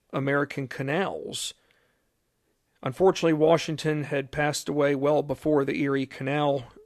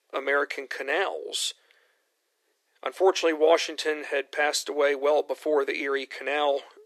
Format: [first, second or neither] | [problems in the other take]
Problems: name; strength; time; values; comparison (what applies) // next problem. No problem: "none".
first | thin; very; fading below 350 Hz